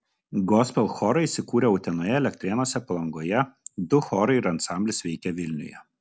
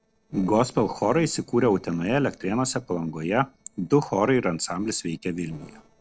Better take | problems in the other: first | noise reduction (neural separator model SepFormer DNS4)

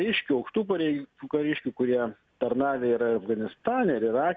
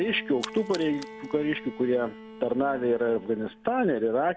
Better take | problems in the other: first | background sound (Splash, splatter + Bowed string instrument); 16 dB below the speech

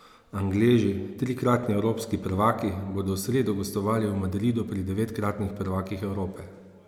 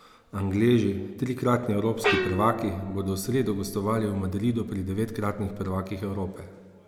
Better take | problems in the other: first | background sound (Gong); 7 dB below the speech

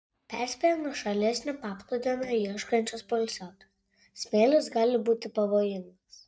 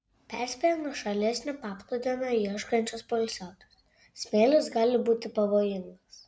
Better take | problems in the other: second | noise reduction (neural mask model DeepFilterNet 3)

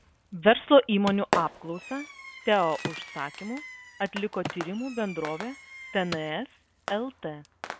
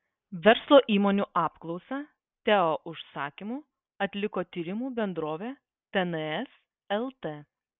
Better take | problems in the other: second | background sound (Wood + Fireworks); 10 dB below the speech

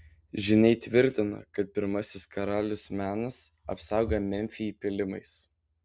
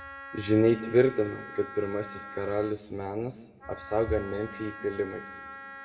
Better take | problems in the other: first | background sound (Wind instrument, woodwind instrument); 15 dB below the speech // room echo; dies away in 1.1 s

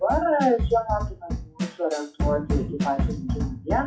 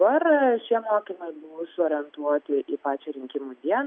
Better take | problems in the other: second | noise reduction (classical method WPE with log-MMSE)

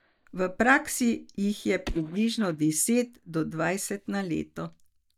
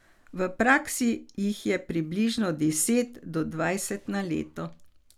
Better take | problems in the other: second | noise reduction (neural mask model DeepFilterNet 3)

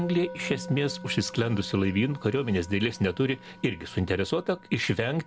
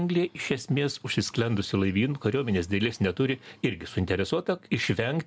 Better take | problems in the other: second | background sound (Musical instrument); 16 dB below the speech

